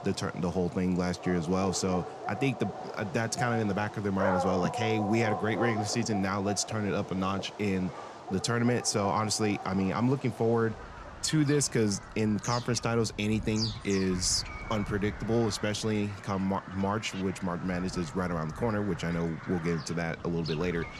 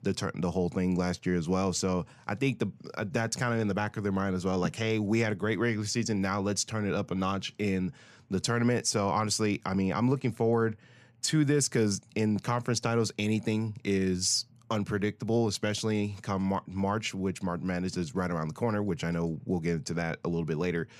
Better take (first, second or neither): second